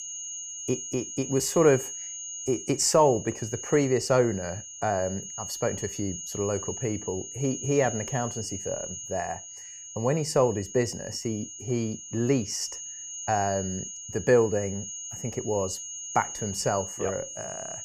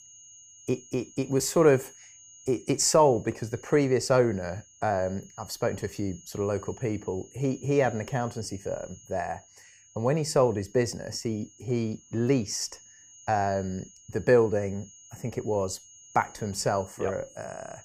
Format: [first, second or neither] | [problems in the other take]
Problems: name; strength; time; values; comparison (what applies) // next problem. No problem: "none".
second | high-pitched whine; loud; throughout; 6.5 kHz, 8 dB below the speech; faint in the second